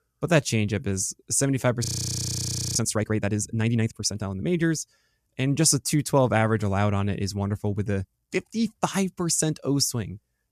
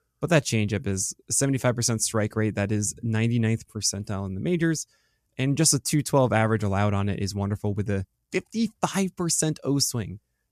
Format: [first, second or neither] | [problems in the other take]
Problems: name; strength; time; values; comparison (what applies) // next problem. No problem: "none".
second | audio freezing; at 2 s for 1 s